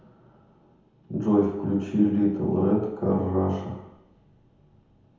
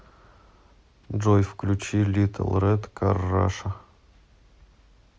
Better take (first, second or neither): second